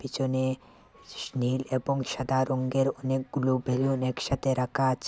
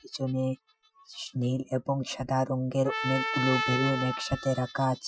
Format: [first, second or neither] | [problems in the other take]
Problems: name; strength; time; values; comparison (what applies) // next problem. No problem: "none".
first | noise reduction (classical method Wiener filter)